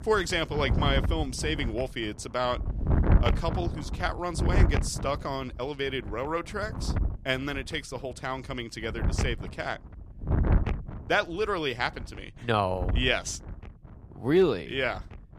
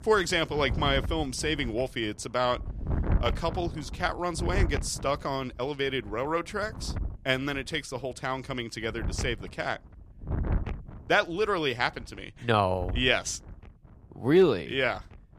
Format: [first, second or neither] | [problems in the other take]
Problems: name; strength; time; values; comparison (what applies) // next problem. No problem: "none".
second | wind noise on the microphone; heavy; 9 dB below the speech; occasional gusts in the second